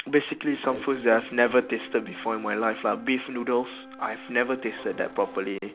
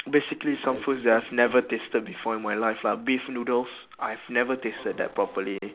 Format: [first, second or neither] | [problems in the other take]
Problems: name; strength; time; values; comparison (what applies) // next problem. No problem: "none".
second | background sound (Wind instrument, woodwind instrument); 19 dB below the speech